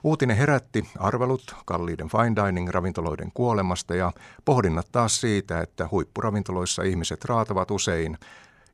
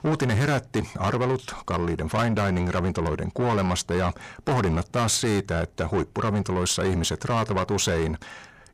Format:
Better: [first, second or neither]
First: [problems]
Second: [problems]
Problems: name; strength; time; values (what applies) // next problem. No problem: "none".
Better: first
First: none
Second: distortion; heavy; 8 dB below the speech